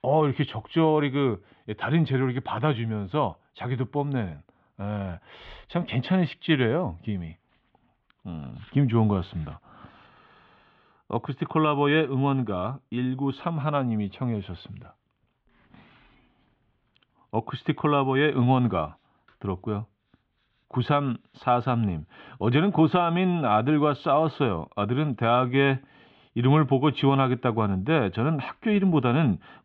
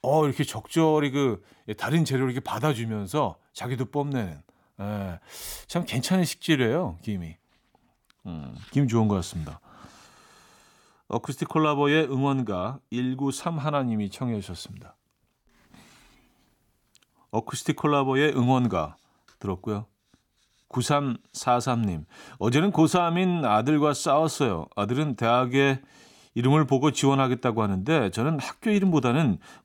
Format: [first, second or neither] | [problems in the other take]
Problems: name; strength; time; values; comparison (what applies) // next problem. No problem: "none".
second | muffled; very; fading above 3.5 kHz